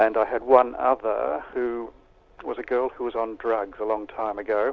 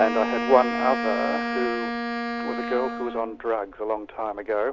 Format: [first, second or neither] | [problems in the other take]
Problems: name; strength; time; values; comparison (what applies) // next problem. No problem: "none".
first | background sound (Wind instrument, woodwind instrument); 4 dB below the speech